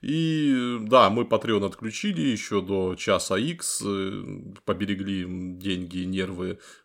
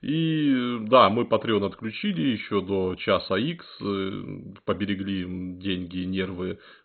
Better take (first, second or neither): first